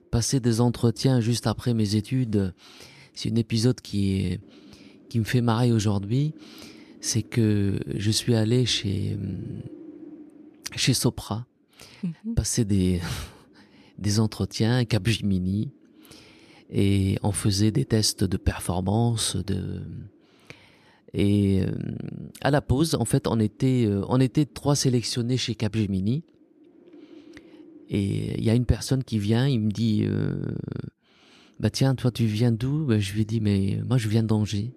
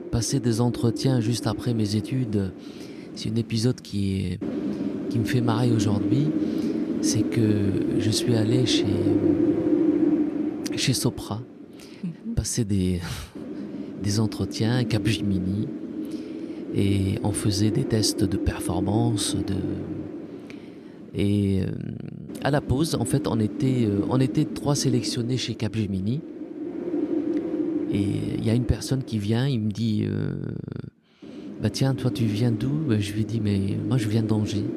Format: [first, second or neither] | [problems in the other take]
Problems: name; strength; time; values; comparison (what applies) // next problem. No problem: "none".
first | wind noise on the microphone; heavy; 2 dB below the speech; occasional gusts in the first